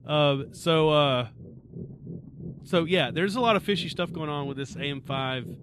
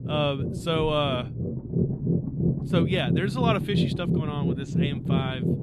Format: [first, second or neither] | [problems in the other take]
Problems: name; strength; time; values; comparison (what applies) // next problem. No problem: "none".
first | low rumble; loud; throughout; 6 dB below the speech; faint in the first